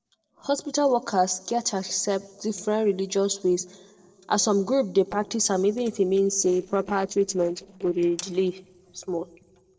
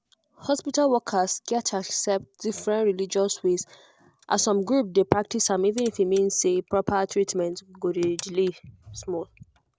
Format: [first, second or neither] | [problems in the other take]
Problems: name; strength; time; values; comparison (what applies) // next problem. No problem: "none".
second | noise reduction (neural separator model SepFormer DNS4)